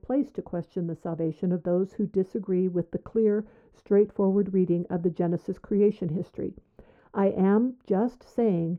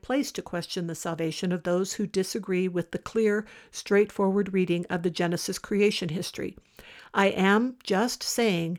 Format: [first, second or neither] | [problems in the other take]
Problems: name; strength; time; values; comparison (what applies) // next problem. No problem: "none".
second | muffled; very; fading above 1.5 kHz